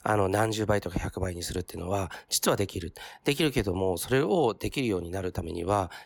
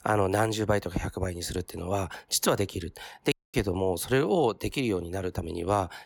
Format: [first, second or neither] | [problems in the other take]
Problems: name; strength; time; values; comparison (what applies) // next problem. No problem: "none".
first | audio cutting out; at 3.5 s